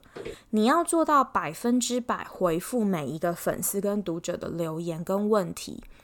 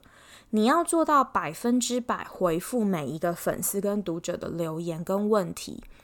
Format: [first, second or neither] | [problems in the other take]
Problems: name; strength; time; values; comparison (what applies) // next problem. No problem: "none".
second | footsteps; faint; at the start; peak 15 dB below the speech